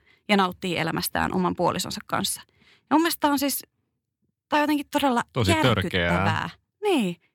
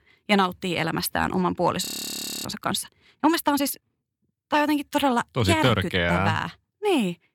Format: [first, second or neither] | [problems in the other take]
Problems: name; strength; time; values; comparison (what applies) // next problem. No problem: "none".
first | audio freezing; at 2 s for 0.5 s